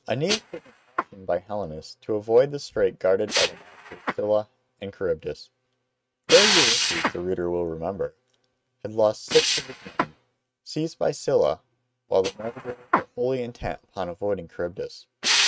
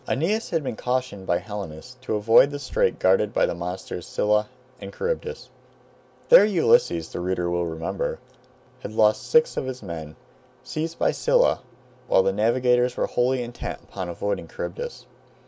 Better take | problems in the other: second | noise reduction (neural mask model RNNoise)

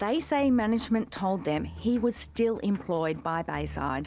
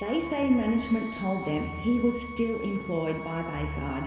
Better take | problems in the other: first | background sound (Bowed string instrument); 14 dB below the speech // room echo; dies away in 2.2 s

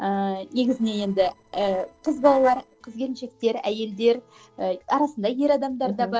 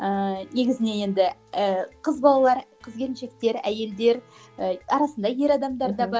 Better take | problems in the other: second | noise reduction (neural separator model SepFormer DNS4)

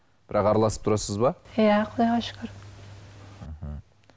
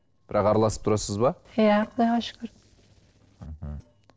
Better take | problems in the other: first | noise reduction (neural separator model SepFormer DNS4)

